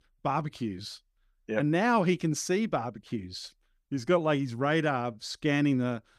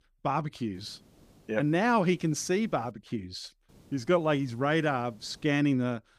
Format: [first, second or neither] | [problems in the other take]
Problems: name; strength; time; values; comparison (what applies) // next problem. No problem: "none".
first | hiss; faint; from 0.5 to 3 s and from 3.5 to 5.5 s; 30 dB below the speech